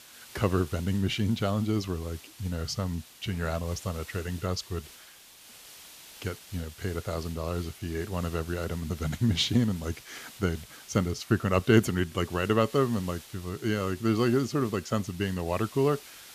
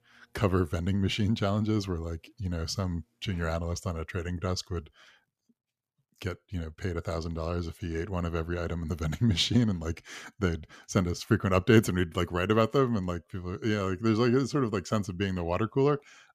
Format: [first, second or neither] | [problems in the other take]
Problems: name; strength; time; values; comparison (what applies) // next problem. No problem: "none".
second | hiss; noticeable; throughout; 20 dB below the speech